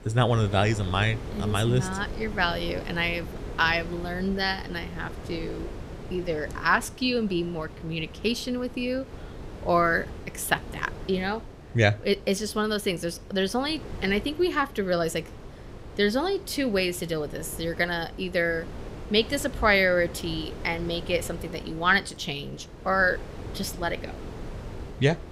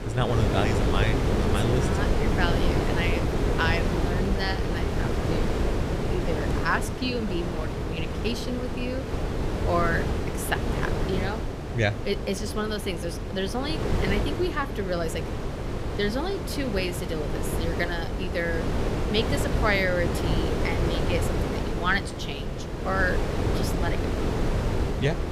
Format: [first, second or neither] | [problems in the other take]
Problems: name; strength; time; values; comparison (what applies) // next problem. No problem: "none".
first | wind noise on the microphone; heavy; 2 dB below the speech; occasional gusts in the first